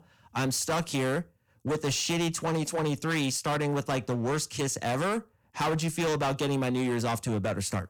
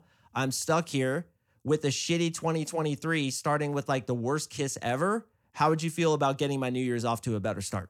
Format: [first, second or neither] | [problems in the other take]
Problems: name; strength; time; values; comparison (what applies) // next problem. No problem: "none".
second | distortion; heavy; 21% of the sound clipped